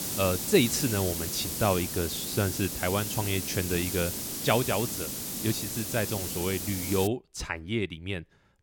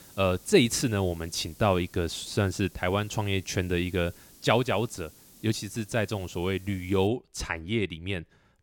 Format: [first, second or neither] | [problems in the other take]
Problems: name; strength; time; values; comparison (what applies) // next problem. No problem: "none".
second | hiss; loud; until 7 s; 2 dB below the speech; faint in the second